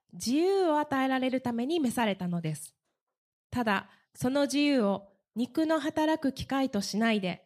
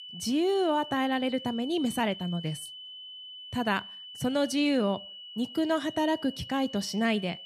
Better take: first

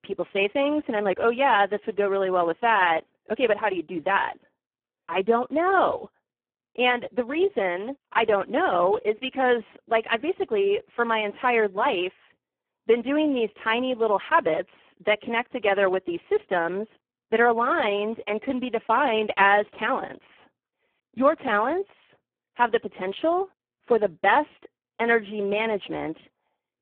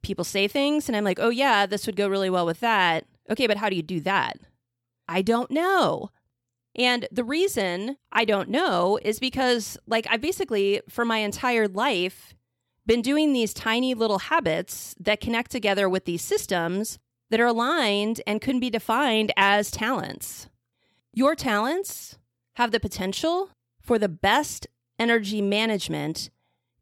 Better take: second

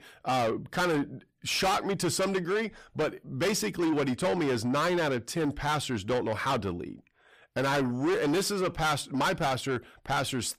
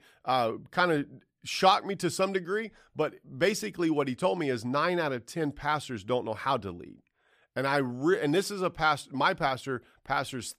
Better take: second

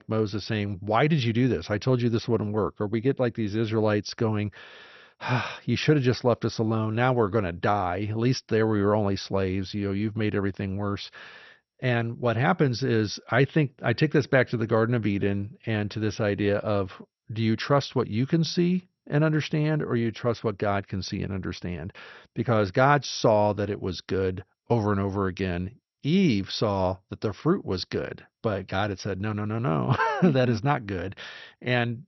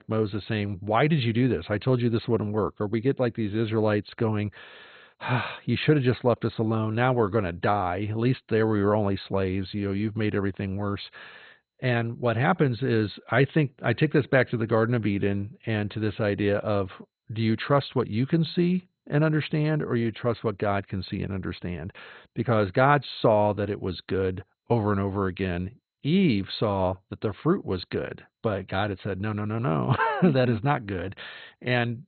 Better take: first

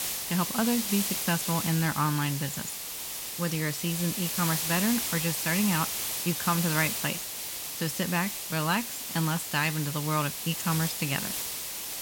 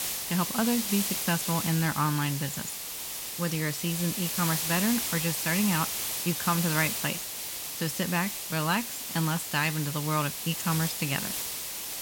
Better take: neither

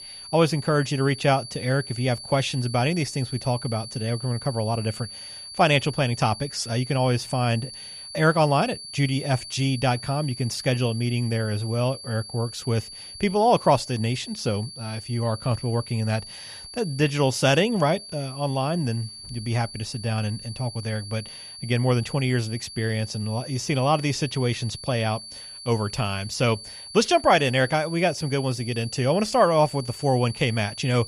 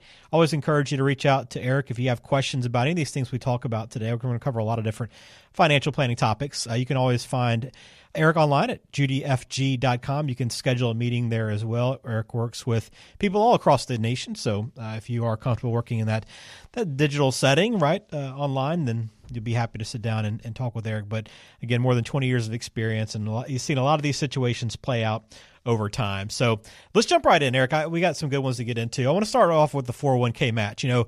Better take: second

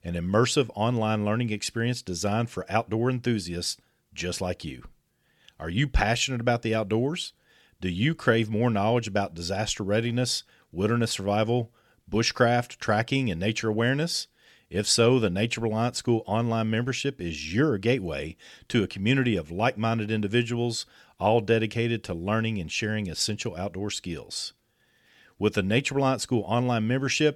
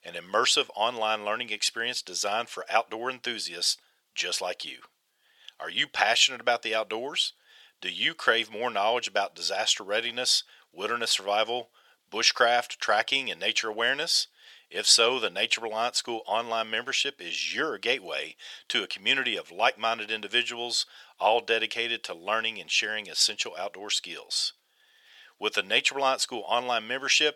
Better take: first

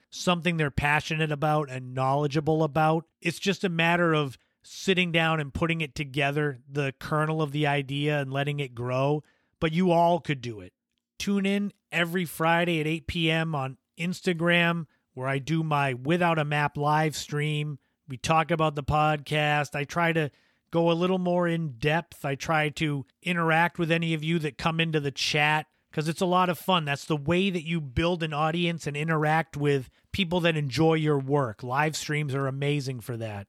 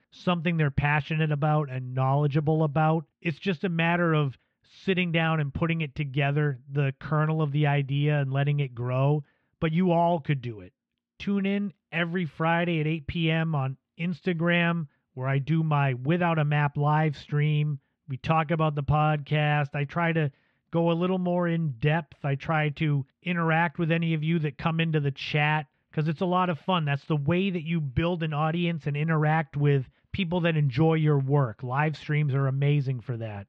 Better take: first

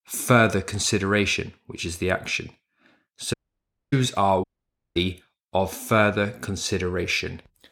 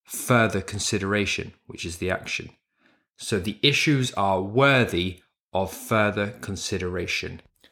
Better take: second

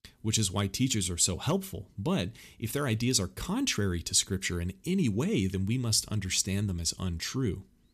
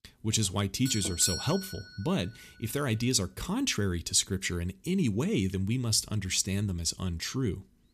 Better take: first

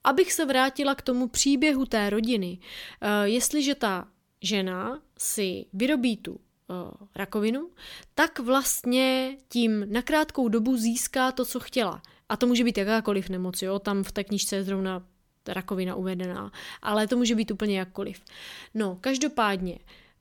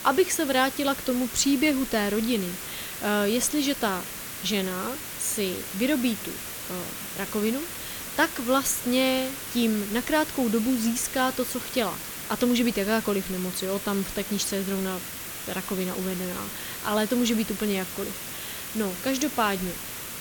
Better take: first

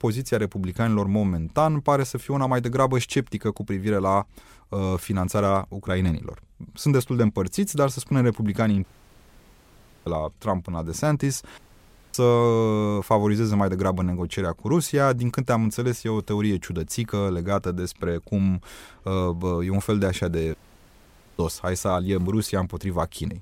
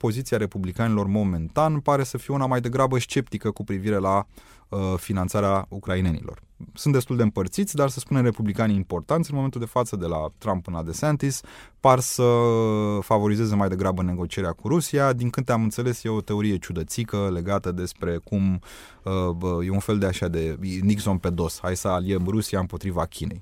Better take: second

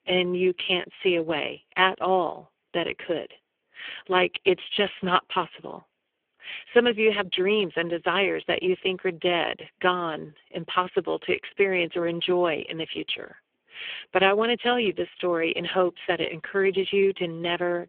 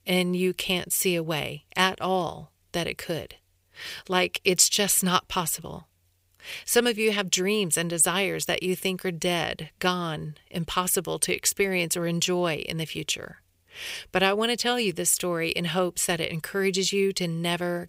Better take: second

